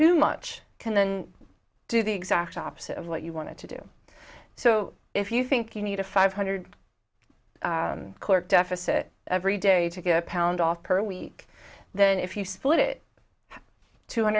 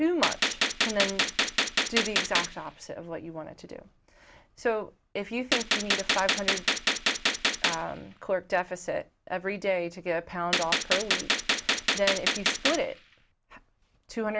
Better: first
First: none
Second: background sound (Gunshot, gunfire); 4 dB above the speech

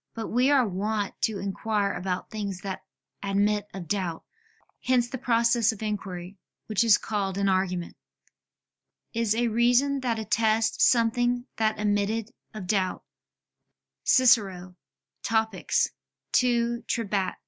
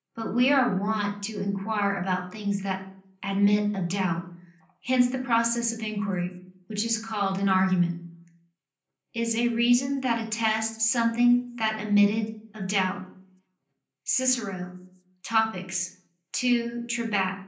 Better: first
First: none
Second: room echo; dies away in 0.6 s

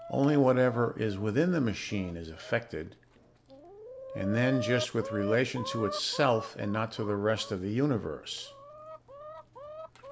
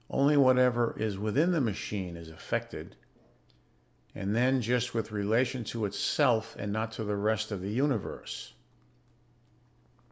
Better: second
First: background sound (Chicken, rooster); 12 dB below the speech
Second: none

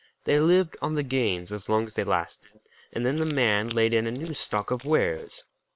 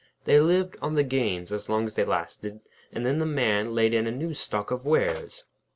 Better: second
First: noise reduction (neural separator model SepFormer WHAM!)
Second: none

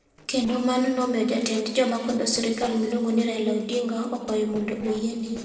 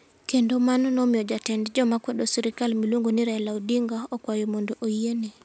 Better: second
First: noise reduction (neural separator model SepFormer DNS4)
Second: none

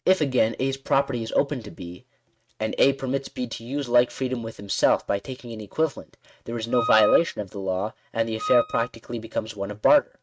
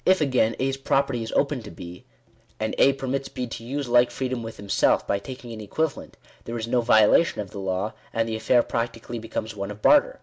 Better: second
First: noise reduction (neural mask model RNNoise)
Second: none

